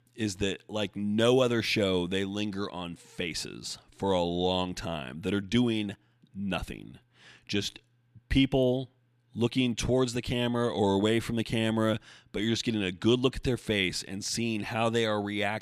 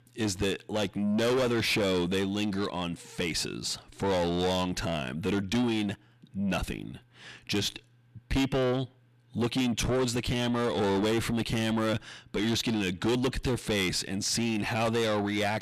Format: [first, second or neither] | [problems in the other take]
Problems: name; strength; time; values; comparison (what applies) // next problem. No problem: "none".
first | distortion; heavy; 7 dB below the speech